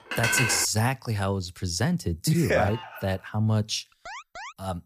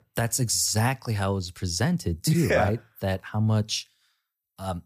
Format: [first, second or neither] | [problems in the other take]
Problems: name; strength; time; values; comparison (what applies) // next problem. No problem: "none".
second | clattering dishes; loud; at the start; peak 2 dB above the speech // alarm; faint; at 2.5 s and at 4 s; peak 15 dB below the speech